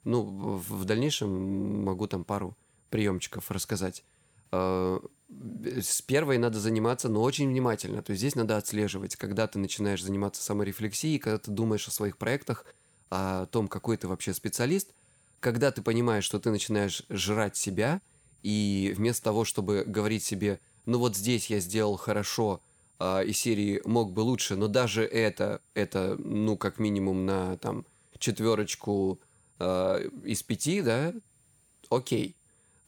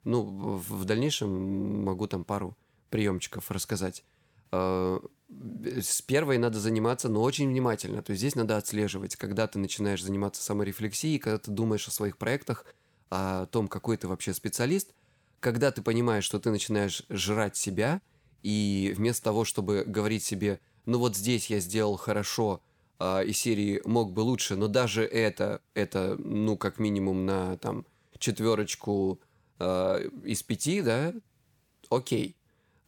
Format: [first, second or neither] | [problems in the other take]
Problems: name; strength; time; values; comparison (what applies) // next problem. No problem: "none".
second | high-pitched whine; faint; throughout; 9 kHz, 35 dB below the speech